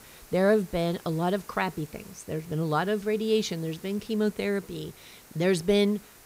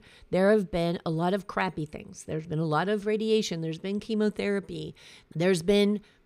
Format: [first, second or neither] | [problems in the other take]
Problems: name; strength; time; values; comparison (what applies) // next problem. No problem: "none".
second | hiss; faint; throughout; 20 dB below the speech